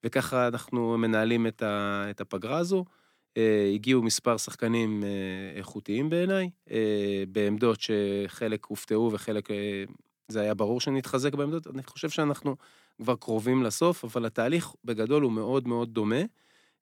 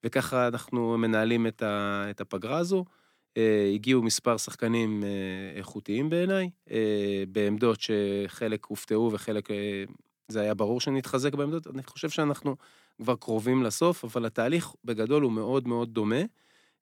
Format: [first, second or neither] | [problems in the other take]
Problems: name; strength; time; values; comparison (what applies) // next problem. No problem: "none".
neither | none